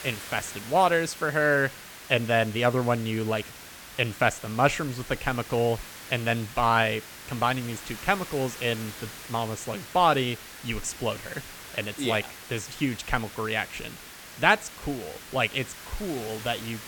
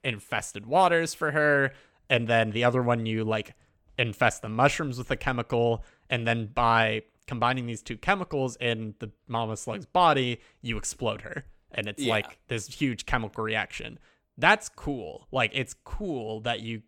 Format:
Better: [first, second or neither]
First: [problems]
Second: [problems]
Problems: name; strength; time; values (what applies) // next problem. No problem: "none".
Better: second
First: hiss; noticeable; throughout; 15 dB below the speech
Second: none